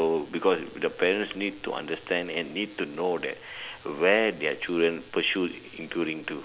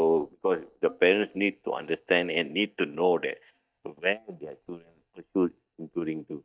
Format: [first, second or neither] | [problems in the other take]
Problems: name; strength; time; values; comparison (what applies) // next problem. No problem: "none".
first | noise reduction (neural mask model DeepFilterNet 3)